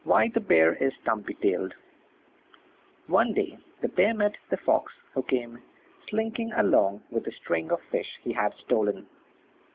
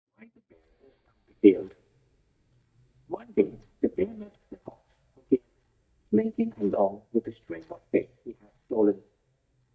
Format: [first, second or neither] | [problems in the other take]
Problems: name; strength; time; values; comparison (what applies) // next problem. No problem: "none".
first | noise reduction (neural mask model DeepFilterNet 3)